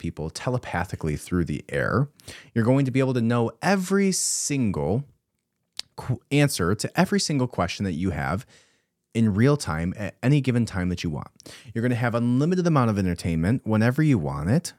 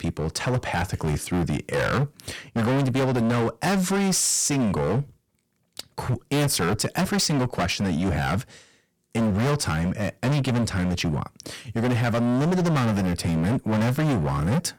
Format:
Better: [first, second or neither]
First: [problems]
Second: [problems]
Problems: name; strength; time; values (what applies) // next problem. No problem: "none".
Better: first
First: none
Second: distortion; heavy; 27% of the sound clipped